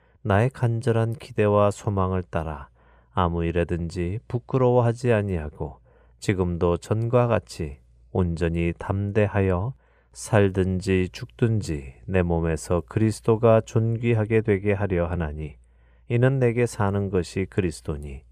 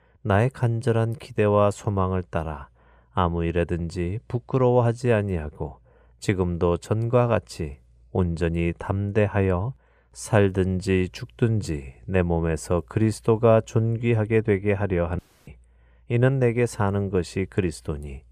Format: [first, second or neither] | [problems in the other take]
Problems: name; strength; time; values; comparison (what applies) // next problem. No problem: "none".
first | audio cutting out; at 15 s